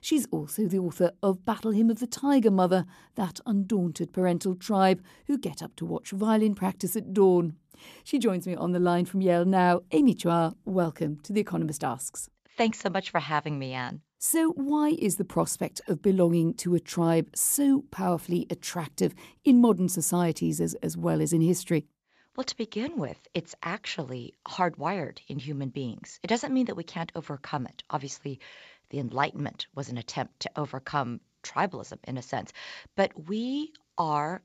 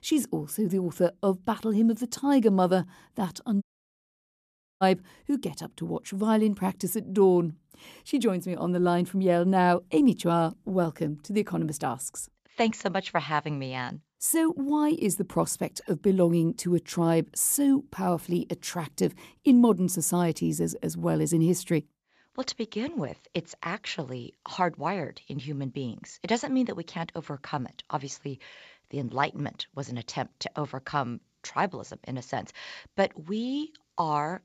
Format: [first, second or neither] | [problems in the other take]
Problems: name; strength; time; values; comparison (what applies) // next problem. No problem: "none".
first | audio cutting out; at 3.5 s for 1 s